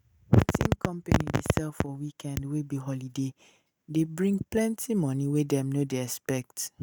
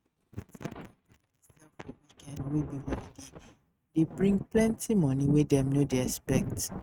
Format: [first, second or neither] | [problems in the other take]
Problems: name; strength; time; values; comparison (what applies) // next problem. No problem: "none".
first | noise reduction (neural mask model RNNoise)